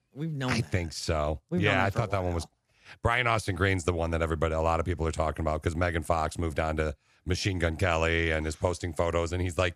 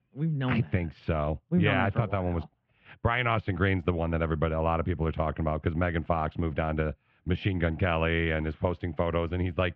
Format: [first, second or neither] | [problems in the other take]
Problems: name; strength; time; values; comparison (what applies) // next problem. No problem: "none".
first | muffled; very; fading above 3 kHz